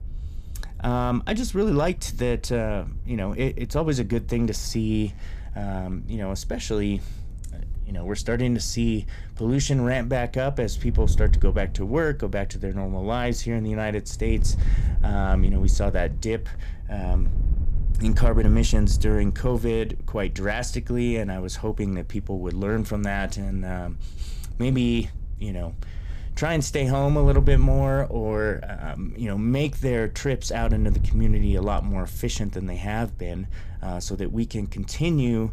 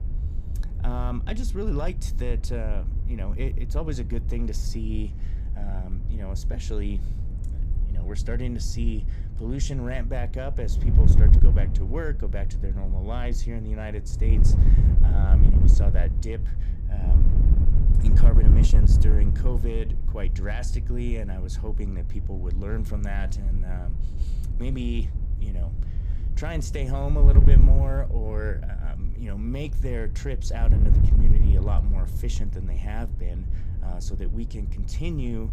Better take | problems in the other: first | wind noise on the microphone; heavy; 5 dB below the speech; occasional gusts in the first

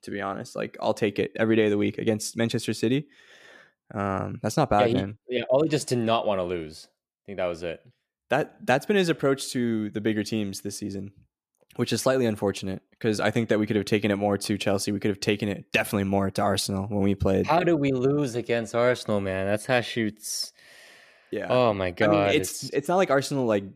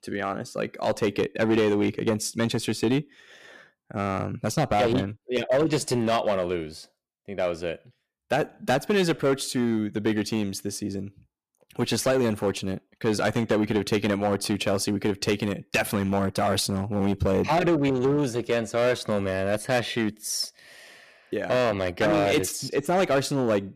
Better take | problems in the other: first | distortion; slight; 6% of the sound clipped

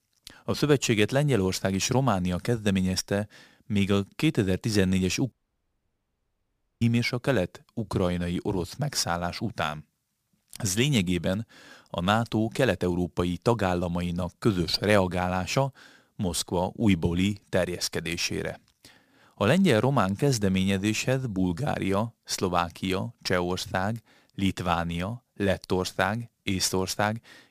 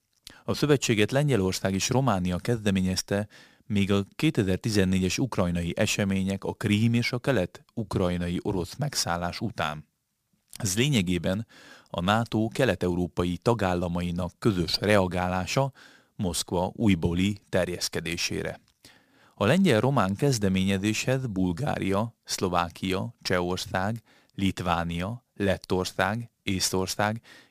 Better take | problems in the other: second | audio cutting out; at 5.5 s for 1.5 s

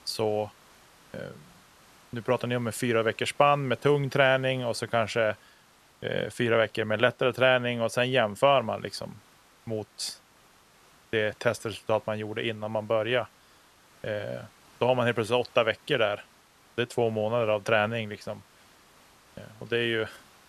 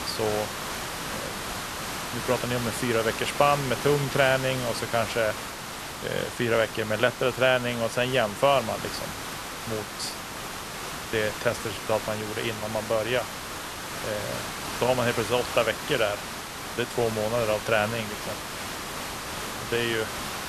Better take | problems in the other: first | hiss; loud; throughout; 6 dB below the speech; faint in the first

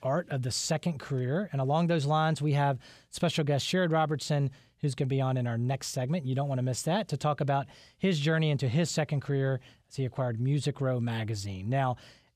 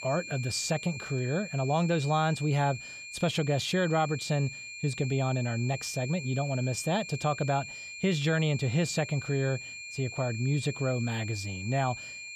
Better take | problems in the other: first | high-pitched whine; loud; throughout; 2.5 kHz, 10 dB below the speech

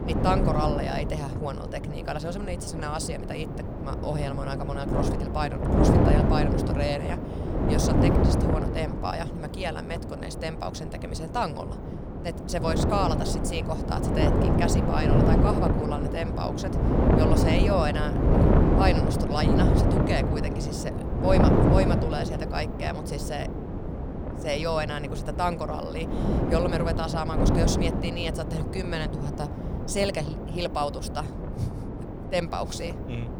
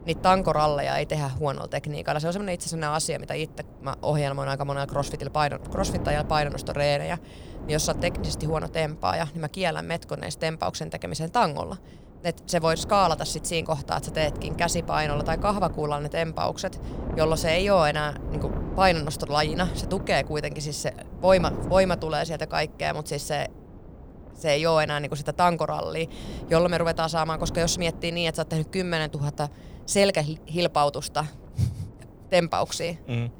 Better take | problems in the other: second | wind noise on the microphone; heavy; as loud as the speech; occasional gusts in the second

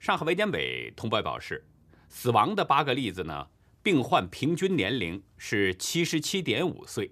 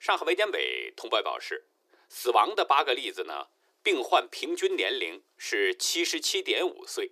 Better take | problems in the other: first | thin; very; fading below 350 Hz

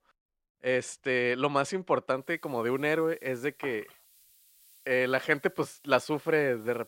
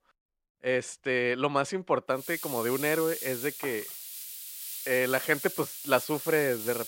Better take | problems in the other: first | hiss; loud; from 2 s on; 7 dB below the speech; faint in the first

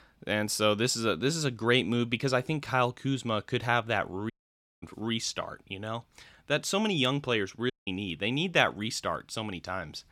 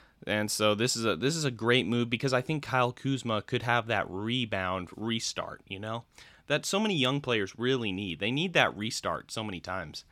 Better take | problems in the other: second | audio cutting out; at 4.5 s for 0.5 s and at 7.5 s

